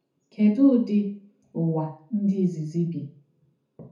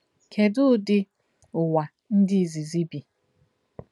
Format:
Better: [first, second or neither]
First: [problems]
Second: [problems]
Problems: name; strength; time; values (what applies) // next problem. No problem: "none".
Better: second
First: room echo; dies away in 0.7 s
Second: none